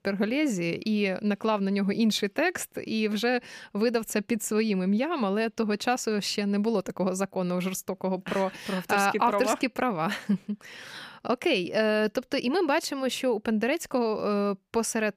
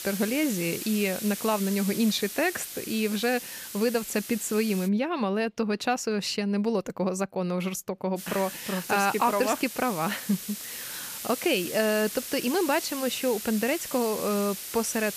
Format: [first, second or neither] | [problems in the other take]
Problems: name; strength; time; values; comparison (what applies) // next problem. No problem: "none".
first | hiss; loud; until 5 s and from 8 s on; 8 dB below the speech